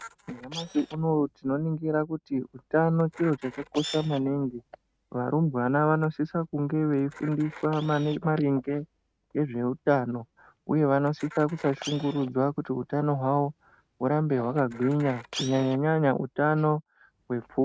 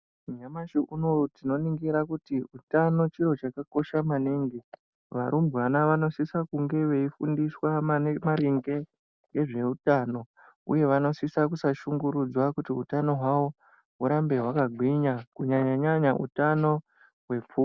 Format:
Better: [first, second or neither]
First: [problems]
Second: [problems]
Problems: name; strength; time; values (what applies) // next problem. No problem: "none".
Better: second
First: noise reduction (neural mask model RNNoise)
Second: none